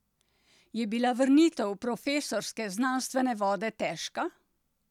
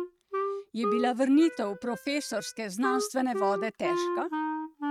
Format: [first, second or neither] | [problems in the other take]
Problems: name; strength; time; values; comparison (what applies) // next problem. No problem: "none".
first | noise reduction (neural mask model RNNoise)